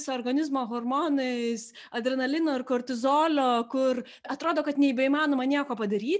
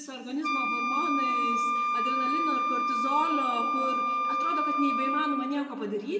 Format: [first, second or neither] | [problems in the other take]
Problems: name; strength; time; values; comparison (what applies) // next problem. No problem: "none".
first | background sound (Wind instrument, woodwind instrument); 4 dB above the speech // room echo; dies away in 1.8 s